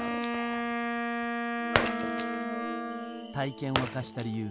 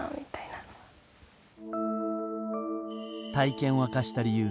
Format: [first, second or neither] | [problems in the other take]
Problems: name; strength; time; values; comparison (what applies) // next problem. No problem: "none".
second | background sound (Shatter + Wind instrument, woodwind instrument); 5 dB above the speech